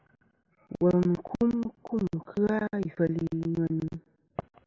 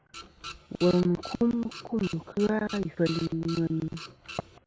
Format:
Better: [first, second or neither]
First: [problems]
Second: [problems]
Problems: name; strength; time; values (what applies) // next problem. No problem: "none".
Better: first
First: none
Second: background sound (Printer); 15 dB below the speech